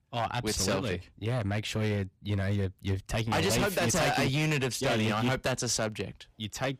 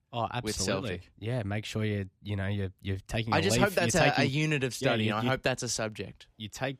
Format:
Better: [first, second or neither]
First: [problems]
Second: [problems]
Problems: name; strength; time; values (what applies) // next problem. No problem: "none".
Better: second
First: distortion; heavy; 13% of the sound clipped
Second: none